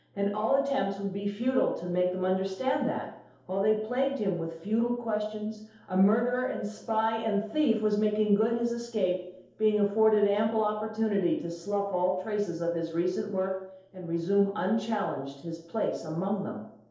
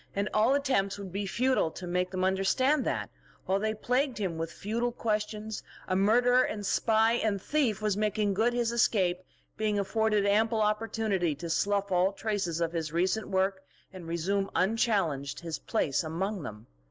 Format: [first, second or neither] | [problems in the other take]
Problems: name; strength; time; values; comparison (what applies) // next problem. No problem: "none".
second | room echo; dies away in 0.8 s